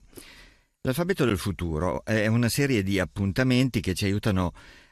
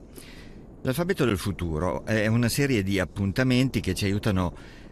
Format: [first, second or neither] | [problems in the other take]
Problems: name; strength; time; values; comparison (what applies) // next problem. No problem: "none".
first | wind noise on the microphone; occasional gusts; 20 dB below the speech